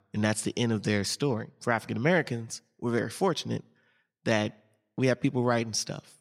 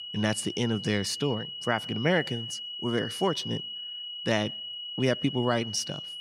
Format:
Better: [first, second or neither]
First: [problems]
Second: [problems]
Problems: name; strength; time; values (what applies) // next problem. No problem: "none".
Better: first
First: none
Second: high-pitched whine; loud; throughout; 3 kHz, 6 dB below the speech